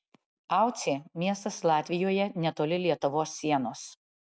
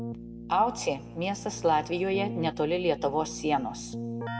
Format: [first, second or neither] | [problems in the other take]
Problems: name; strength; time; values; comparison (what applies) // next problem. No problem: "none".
first | background sound (Keyboard (musical)); 9 dB below the speech // room echo; dies away in 0.5 s